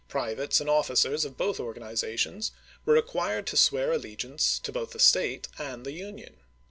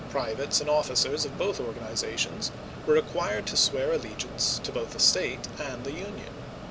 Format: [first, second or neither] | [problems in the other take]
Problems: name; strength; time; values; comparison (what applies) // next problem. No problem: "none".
first | background sound (Mechanisms); 10 dB below the speech